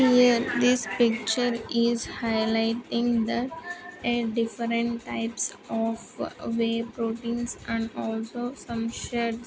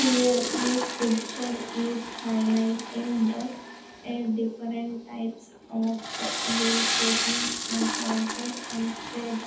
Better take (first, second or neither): first